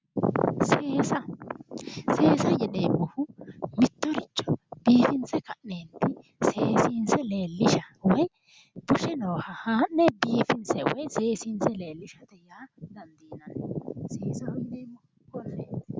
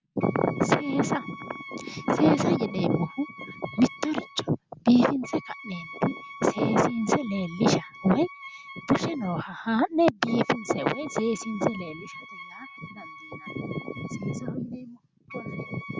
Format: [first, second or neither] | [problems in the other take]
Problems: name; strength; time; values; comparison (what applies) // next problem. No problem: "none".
first | background sound (Wind instrument, woodwind instrument); 17 dB below the speech